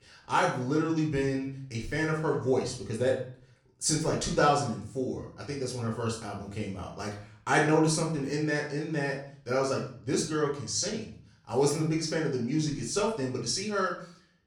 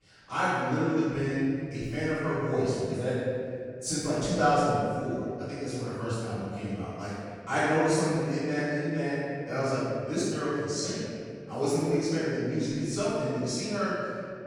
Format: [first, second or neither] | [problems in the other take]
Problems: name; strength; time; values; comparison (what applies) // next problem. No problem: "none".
first | room echo; strong; dies away in 2.3 s; slight in the first // off-mic speech; far; far in the first